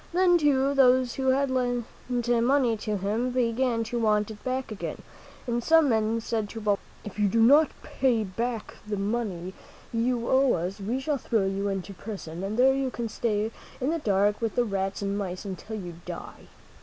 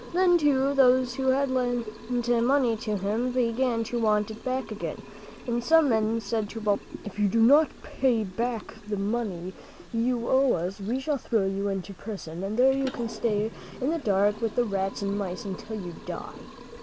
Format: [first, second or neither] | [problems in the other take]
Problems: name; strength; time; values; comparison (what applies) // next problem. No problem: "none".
first | background sound (Liquid); 17 dB below the speech